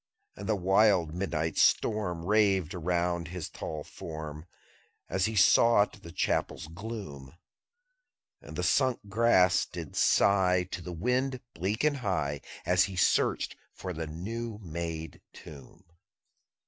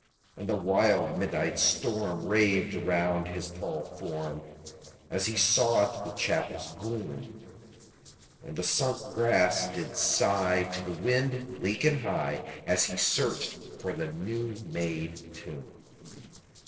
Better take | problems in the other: first | noise reduction (neural separator model SepFormer DNS4)

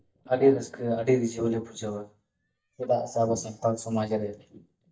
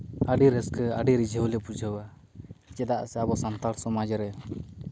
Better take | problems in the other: second | noise reduction (neural mask model DeepFilterNet 3)

